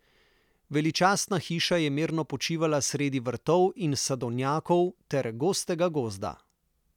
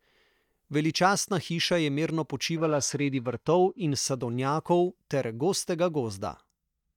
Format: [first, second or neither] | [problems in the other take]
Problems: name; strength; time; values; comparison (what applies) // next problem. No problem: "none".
first | noise reduction (neural mask model DeepFilterNet 3)